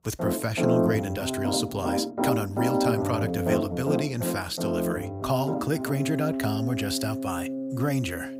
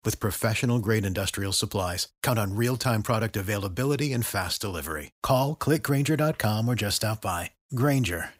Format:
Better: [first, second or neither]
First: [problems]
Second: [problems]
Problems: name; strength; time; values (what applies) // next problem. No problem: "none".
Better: second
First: background music; very loud; throughout; 1 dB above the speech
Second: none